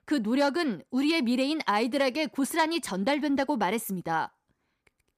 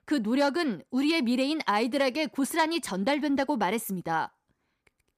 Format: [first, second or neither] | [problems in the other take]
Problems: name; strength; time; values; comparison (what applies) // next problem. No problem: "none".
neither | none